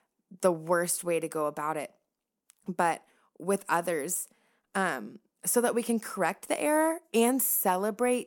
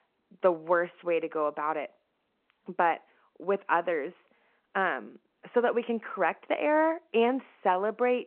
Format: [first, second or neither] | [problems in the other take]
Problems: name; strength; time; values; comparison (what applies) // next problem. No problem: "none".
first | phone-call audio